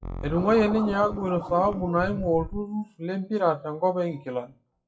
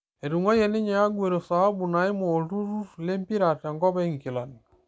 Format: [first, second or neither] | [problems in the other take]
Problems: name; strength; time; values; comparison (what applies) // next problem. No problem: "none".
second | noise reduction (classical method WPE with log-MMSE)